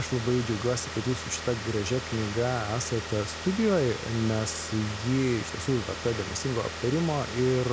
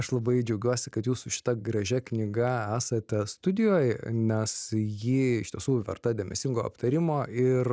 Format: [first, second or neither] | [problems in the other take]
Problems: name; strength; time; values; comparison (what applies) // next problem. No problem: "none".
second | background sound (Car); 8 dB below the speech